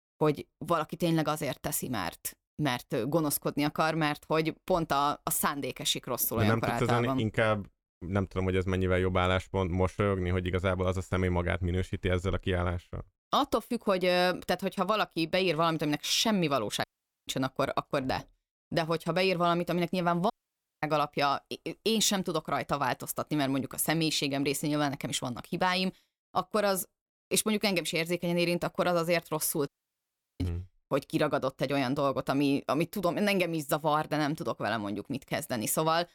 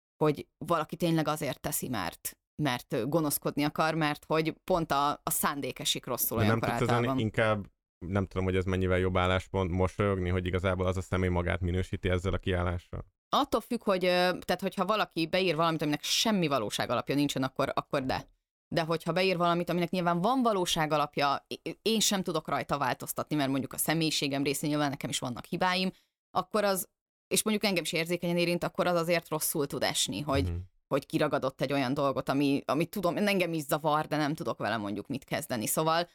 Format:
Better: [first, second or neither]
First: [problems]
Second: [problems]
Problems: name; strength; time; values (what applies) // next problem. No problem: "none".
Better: second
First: audio cutting out; at 17 s, at 20 s for 0.5 s and at 30 s for 0.5 s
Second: none